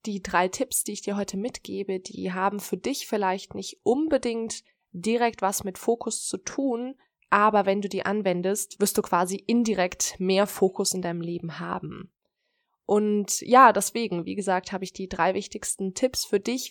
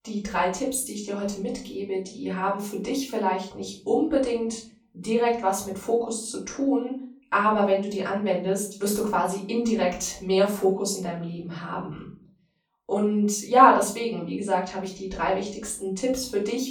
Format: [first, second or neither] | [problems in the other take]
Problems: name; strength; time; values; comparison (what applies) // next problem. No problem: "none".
first | off-mic speech; far // room echo; slight; dies away in 0.4 s